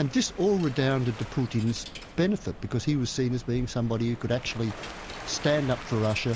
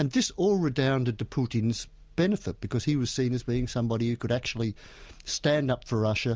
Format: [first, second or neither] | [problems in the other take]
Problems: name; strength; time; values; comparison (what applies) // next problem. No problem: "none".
second | background sound (Coin (dropping) + Waves, surf); 15 dB below the speech